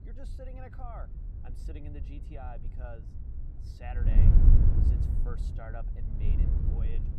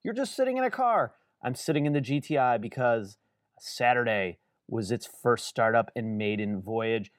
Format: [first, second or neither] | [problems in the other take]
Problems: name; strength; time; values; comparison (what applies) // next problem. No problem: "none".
second | wind noise on the microphone; heavy; 5 dB above the speech